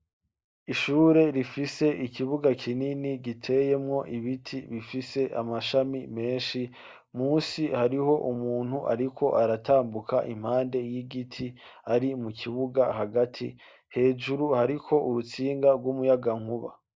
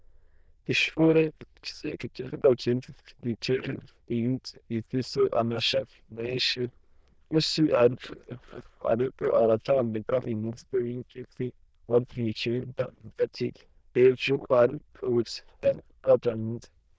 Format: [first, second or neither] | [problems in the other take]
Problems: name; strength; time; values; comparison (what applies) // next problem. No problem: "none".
first | noise reduction (neural diffusion model UNIVERSE++)